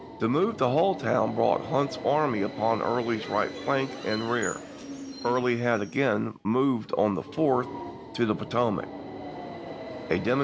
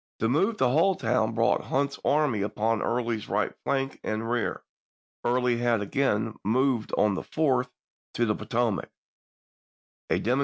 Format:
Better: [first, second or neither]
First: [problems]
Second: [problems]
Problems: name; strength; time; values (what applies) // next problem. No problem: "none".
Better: second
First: background sound (Subway, metro, underground); 12 dB below the speech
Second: none